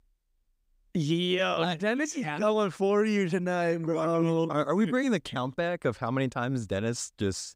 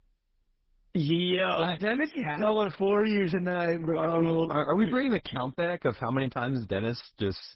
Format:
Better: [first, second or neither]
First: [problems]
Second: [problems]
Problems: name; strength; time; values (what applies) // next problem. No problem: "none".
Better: first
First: none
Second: garbled, watery; badly; nothing above 5.5 kHz